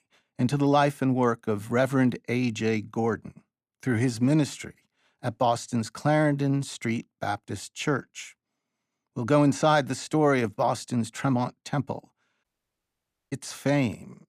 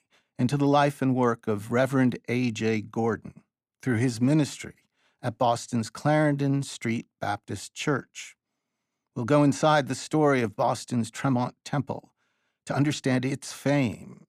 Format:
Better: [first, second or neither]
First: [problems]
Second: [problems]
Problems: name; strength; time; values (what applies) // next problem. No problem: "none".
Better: second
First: audio cutting out; at 12 s for 1 s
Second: none